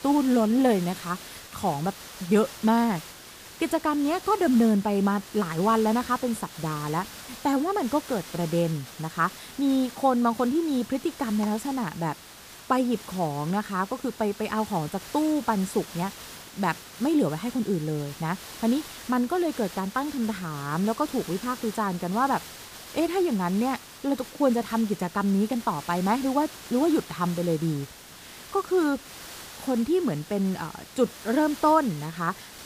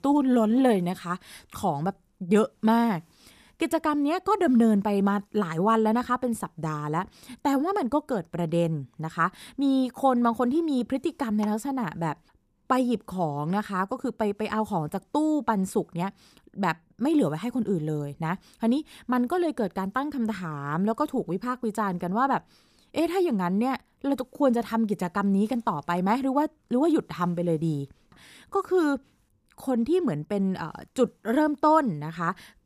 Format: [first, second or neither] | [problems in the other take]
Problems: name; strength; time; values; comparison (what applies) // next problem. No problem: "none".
second | hiss; noticeable; throughout; 15 dB below the speech